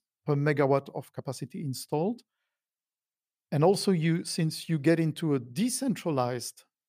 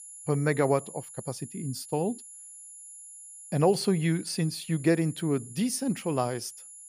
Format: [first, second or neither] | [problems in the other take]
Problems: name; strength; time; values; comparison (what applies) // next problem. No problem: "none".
first | high-pitched whine; noticeable; throughout; 10.5 kHz, 15 dB below the speech